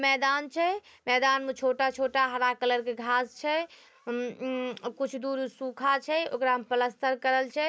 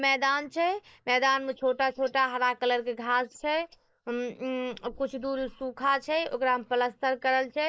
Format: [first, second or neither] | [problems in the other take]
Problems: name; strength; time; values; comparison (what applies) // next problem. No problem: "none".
first | noise reduction (neural mask model Resemble Enhance denoiser)